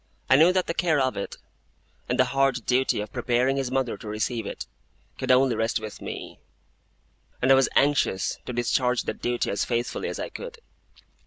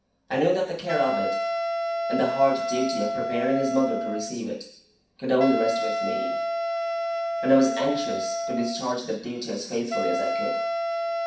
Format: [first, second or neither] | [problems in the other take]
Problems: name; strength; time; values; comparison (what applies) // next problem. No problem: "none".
first | background sound (Wind instrument, woodwind instrument); 2 dB below the speech // room echo; dies away in 0.6 s